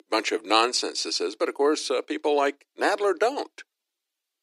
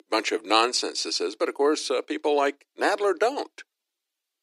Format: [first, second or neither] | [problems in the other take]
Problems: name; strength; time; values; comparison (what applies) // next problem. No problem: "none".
neither | thin; somewhat; fading below 300 Hz; the same in both